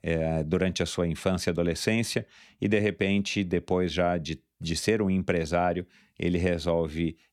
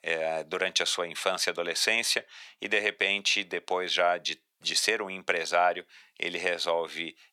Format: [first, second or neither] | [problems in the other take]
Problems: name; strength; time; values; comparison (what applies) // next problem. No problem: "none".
first | thin; very; fading below 850 Hz